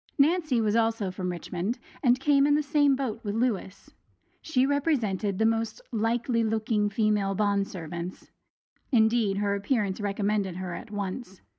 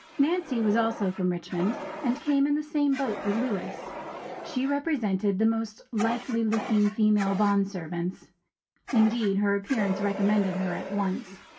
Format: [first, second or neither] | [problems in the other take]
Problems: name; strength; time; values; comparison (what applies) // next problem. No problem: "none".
first | background sound (Fire); 12 dB below the speech // room echo; dies away in 0.2 s